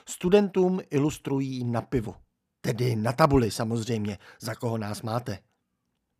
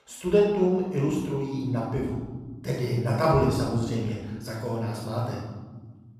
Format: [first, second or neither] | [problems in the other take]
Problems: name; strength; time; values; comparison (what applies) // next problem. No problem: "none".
first | room echo; noticeable; dies away in 1.3 s // off-mic speech; far